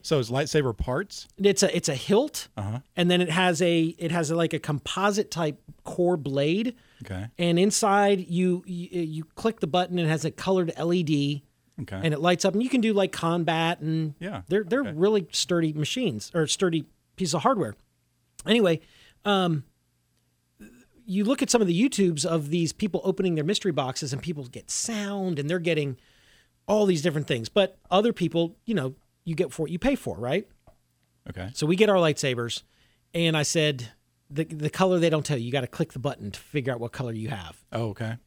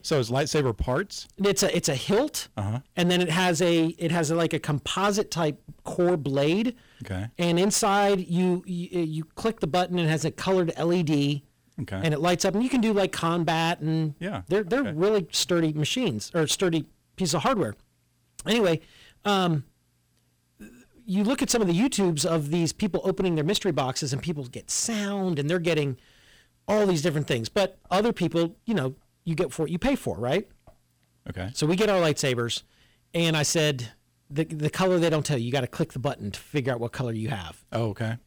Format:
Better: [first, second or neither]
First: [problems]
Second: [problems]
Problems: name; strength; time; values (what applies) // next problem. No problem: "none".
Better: first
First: none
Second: distortion; slight; 10% of the sound clipped